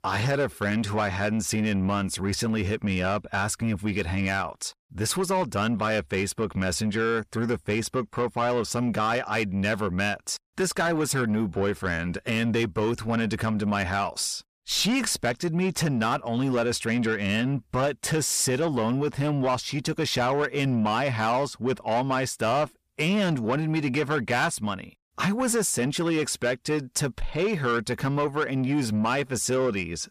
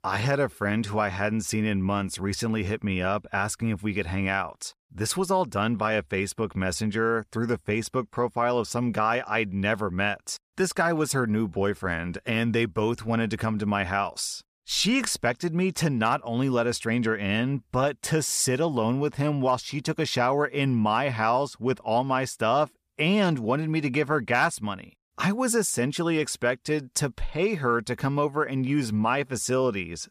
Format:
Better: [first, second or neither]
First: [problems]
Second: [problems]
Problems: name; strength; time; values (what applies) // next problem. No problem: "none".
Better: second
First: distortion; slight; 10 dB below the speech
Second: none